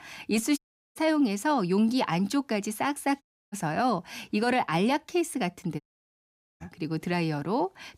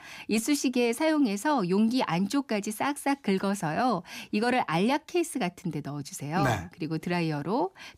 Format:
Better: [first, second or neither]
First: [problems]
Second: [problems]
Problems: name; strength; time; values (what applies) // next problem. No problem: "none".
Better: second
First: audio cutting out; at 0.5 s, at 3 s and at 6 s for 1 s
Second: none